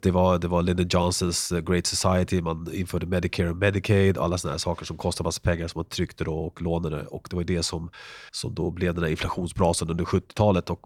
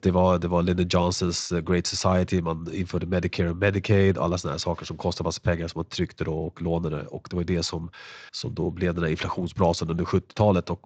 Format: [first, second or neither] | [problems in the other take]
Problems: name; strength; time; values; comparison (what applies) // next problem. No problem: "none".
first | garbled, watery; slightly; nothing above 7.5 kHz